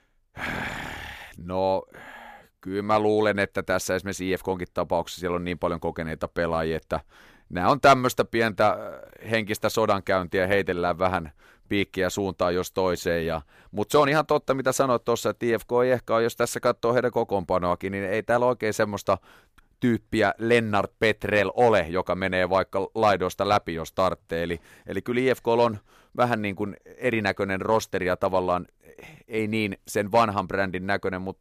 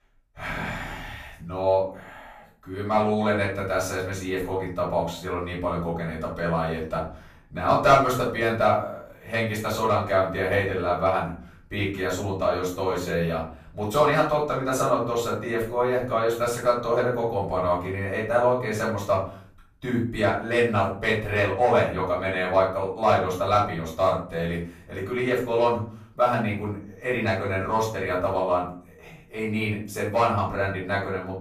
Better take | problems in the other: first | off-mic speech; far // room echo; noticeable; dies away in 0.4 s

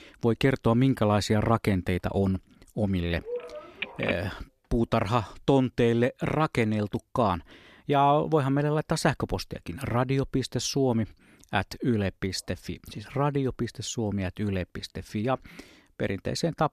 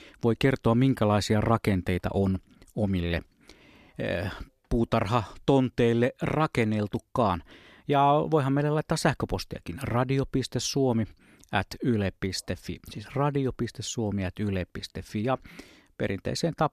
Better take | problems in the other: second | phone ringing; noticeable; at 3.5 s; peak 5 dB below the speech

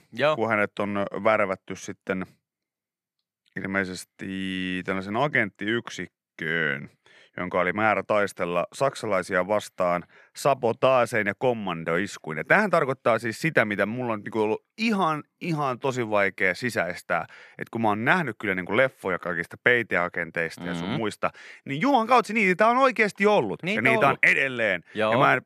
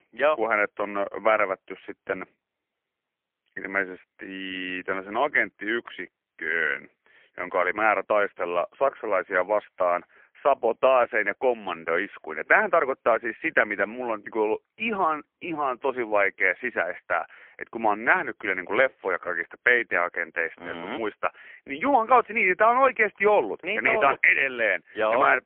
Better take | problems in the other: first | phone-call audio; poor line

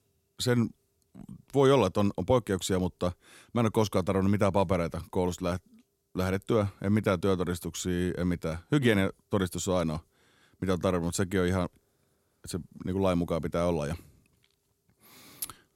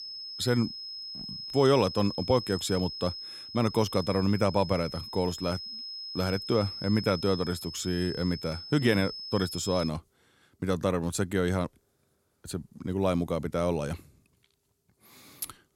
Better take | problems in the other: first | high-pitched whine; loud; until 10 s; 5 kHz, 9 dB below the speech

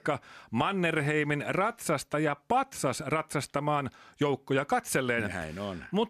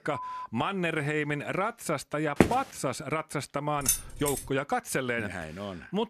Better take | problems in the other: first | phone ringing; noticeable; at the start; peak 7 dB below the speech // footsteps; loud; at 2.5 s; peak 5 dB above the speech // jangling keys; loud; at 4 s; peak 4 dB above the speech

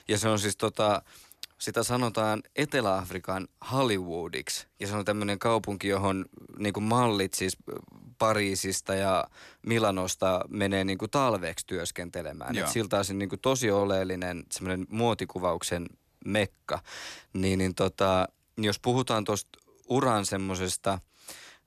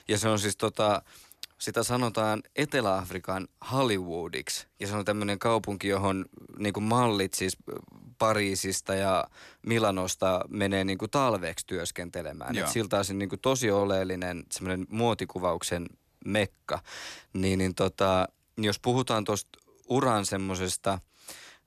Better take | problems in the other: neither | none

